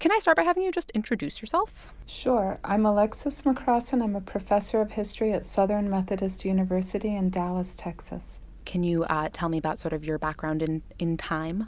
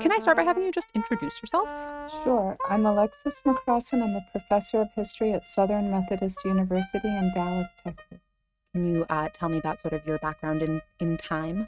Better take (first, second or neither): first